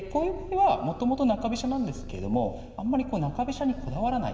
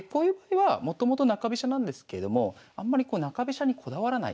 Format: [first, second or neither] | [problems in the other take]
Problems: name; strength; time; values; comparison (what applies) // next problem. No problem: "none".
second | background sound (Purr); 13 dB below the speech // room echo; dies away in 2 s